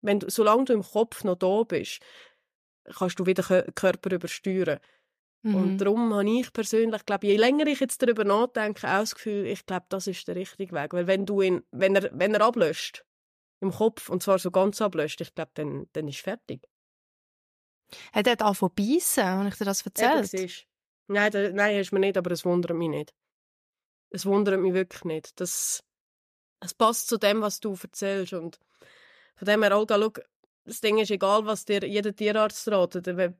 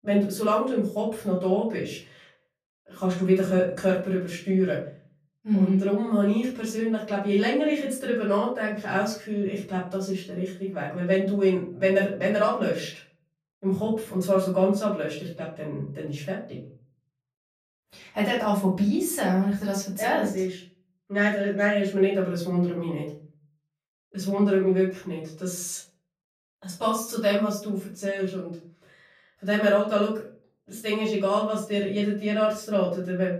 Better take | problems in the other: first | off-mic speech; far // room echo; slight; dies away in 0.5 s

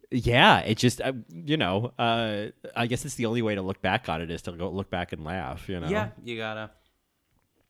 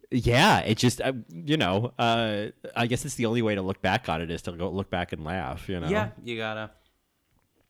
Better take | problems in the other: first | distortion; slight; 1.1% of the sound clipped

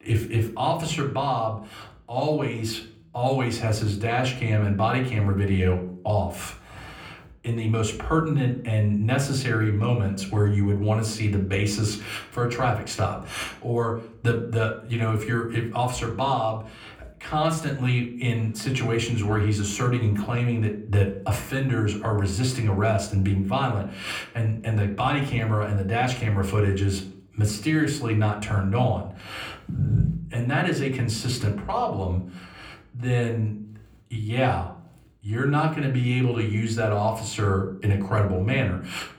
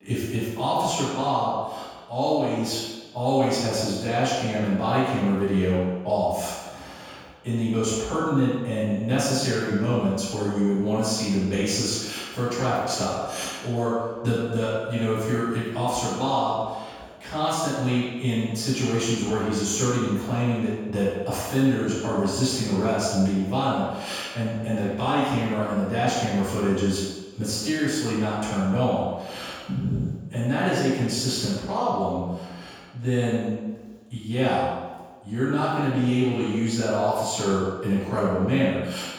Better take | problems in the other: first | room echo; strong; dies away in 1.2 s; slight in the first // off-mic speech; far; far in the first

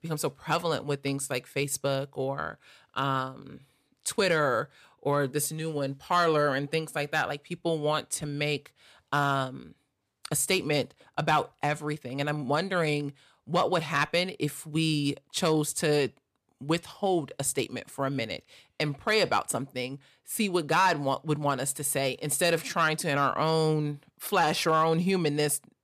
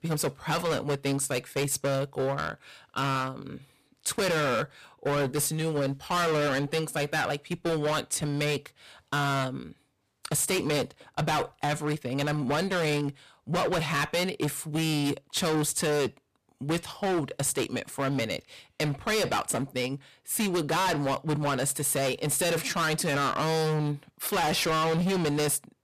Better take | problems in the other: first | distortion; heavy; 22% of the sound clipped

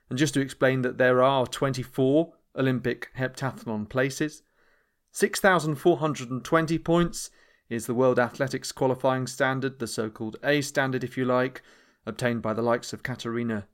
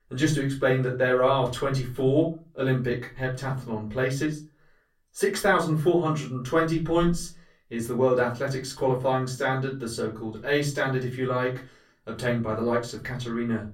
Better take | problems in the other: first | off-mic speech; far // room echo; very slight; dies away in 0.3 s

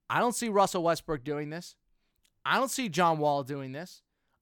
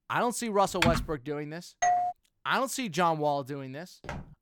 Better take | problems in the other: first | keyboard typing; loud; at 1 s; peak 1 dB above the speech // doorbell; loud; at 2 s; peak 3 dB above the speech // footsteps; faint; at 4 s; peak 10 dB below the speech

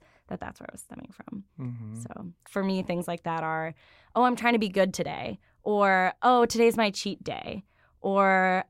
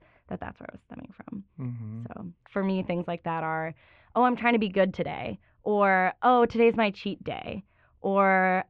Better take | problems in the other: first | muffled; very; fading above 3 kHz

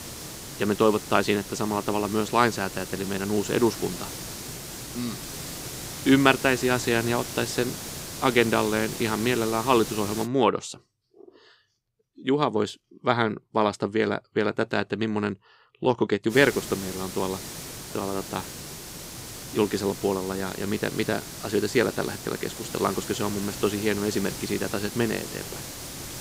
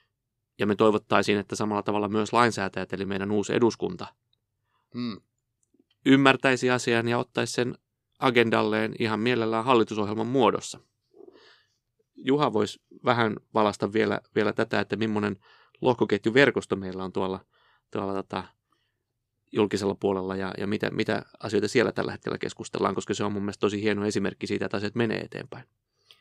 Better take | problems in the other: second | hiss; loud; until 10 s and from 16 s on; 10 dB below the speech

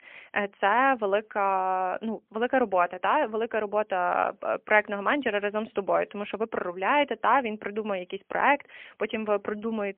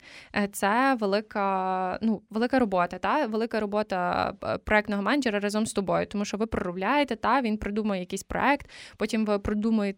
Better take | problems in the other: second | phone-call audio; poor line; nothing above 3 kHz

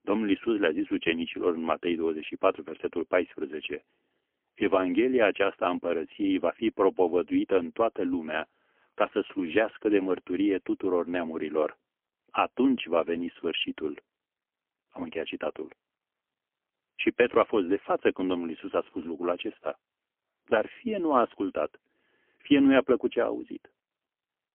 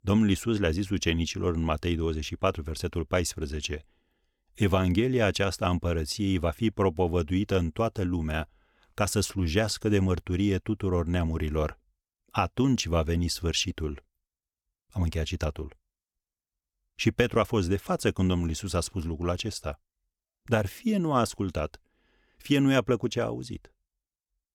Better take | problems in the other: second | phone-call audio; poor line; nothing above 3 kHz

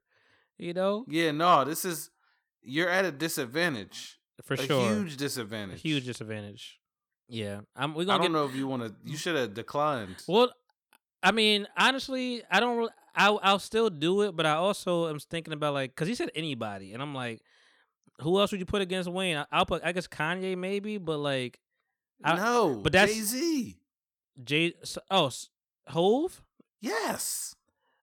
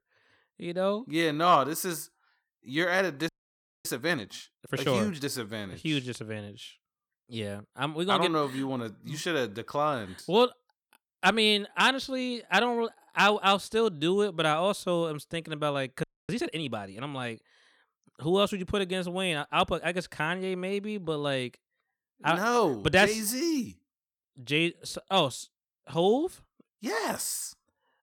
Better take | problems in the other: first | audio freezing; at 3.5 s for 0.5 s and at 16 s

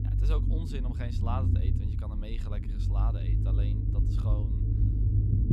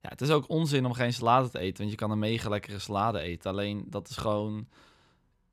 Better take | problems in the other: second | low rumble; loud; throughout; as loud as the speech

